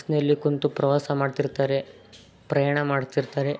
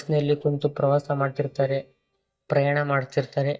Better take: first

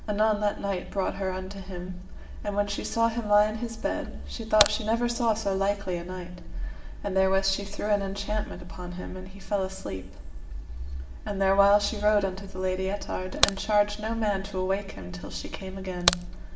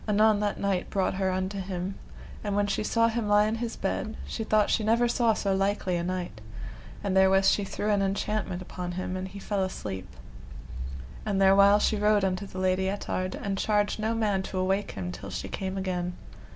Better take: second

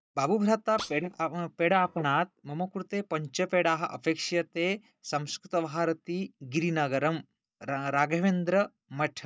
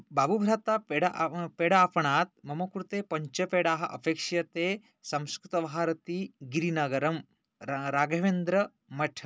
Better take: second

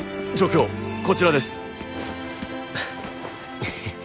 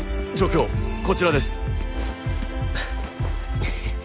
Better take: first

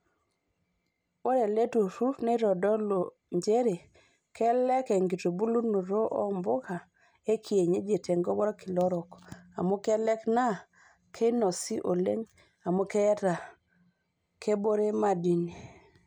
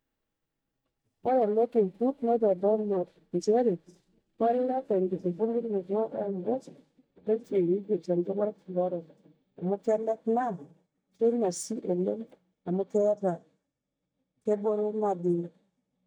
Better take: first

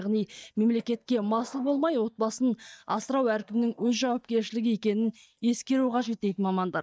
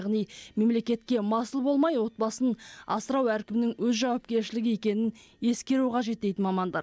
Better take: second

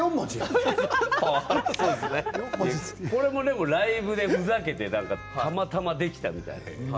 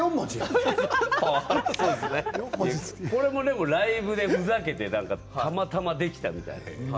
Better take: second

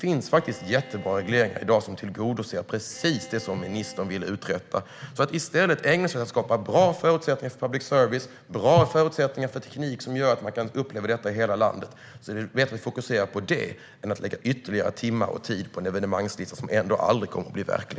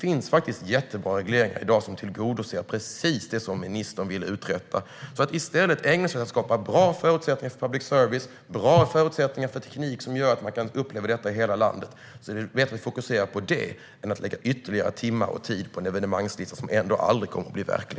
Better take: second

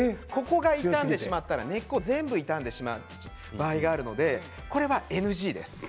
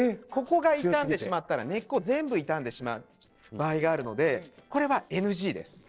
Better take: first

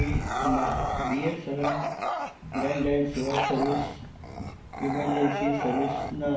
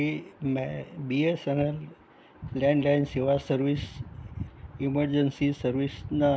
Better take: second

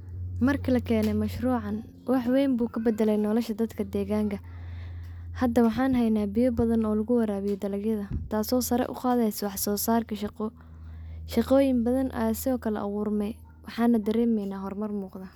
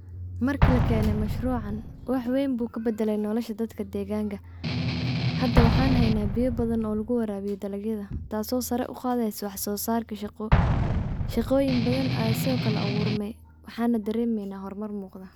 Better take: first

